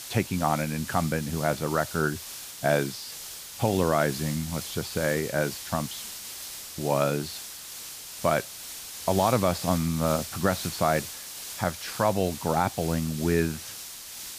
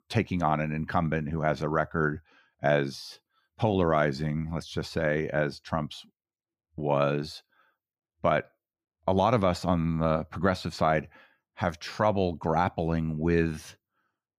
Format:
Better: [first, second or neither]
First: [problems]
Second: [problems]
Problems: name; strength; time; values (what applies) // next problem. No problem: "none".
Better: second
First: hiss; loud; throughout; 9 dB below the speech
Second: none